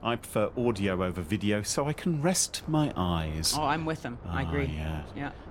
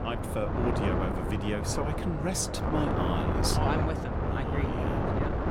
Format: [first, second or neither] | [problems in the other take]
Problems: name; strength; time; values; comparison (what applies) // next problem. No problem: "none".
first | wind noise on the microphone; heavy; 2 dB above the speech; occasional gusts in the first